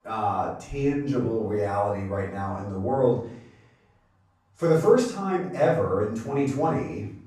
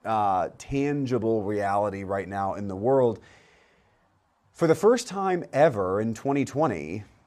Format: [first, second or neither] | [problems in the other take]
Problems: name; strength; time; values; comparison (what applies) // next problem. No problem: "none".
second | off-mic speech; far // room echo; noticeable; dies away in 0.5 s